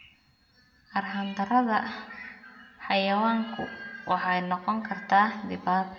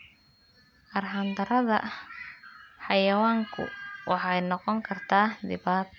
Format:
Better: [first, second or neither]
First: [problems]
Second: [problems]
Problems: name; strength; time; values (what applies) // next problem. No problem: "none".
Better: second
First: room echo; dies away in 1.1 s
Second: none